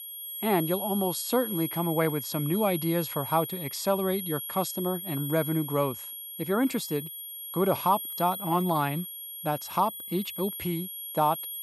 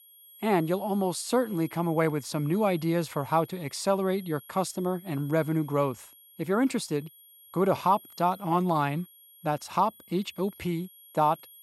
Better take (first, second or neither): second